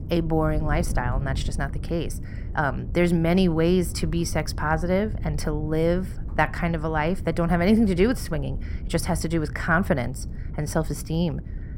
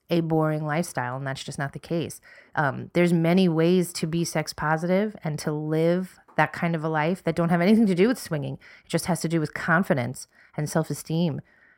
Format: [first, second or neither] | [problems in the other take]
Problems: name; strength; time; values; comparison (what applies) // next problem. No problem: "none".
second | wind noise on the microphone; occasional gusts; 20 dB below the speech